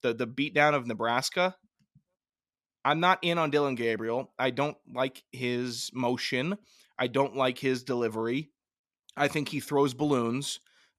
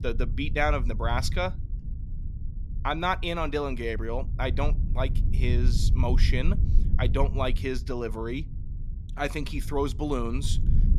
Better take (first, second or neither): first